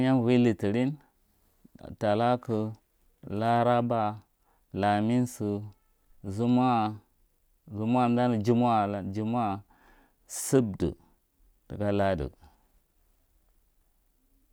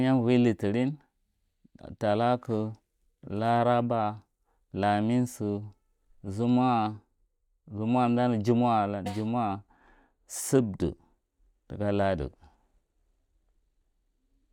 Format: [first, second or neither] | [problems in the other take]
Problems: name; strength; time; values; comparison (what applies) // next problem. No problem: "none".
first | noise reduction (neural mask model DeepFilterNet 3)